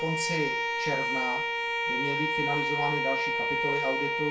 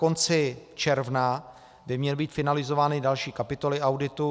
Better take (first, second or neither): second